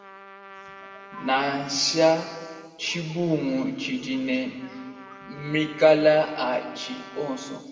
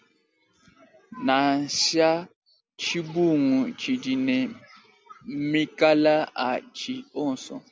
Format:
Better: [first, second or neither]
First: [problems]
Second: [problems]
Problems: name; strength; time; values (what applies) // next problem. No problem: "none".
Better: second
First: background sound (Trumpet); 20 dB below the speech // room echo; dies away in 1.8 s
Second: none